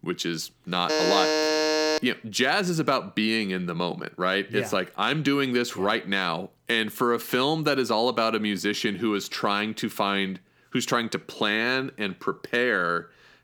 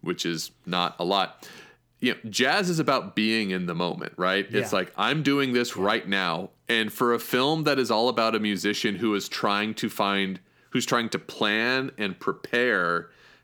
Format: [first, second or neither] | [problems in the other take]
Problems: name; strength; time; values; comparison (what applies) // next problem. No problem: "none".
second | alarm; loud; from 1 to 2 s; peak 3 dB above the speech